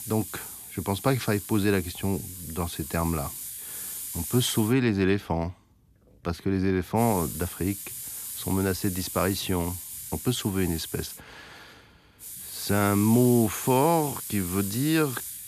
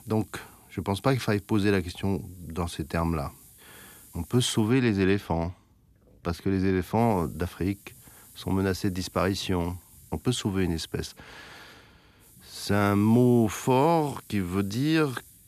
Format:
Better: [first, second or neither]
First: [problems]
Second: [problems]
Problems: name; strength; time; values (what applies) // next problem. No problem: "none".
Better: second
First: hiss; loud; until 4.5 s, from 7 to 11 s and from 12 s on; 8 dB below the speech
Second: hiss; faint; until 4.5 s, from 7 to 11 s and from 12 s on; 25 dB below the speech